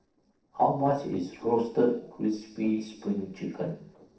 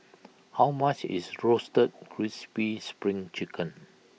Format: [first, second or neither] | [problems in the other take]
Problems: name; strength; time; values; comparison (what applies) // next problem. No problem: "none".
second | noise reduction (neural separator model SepFormer DNS4)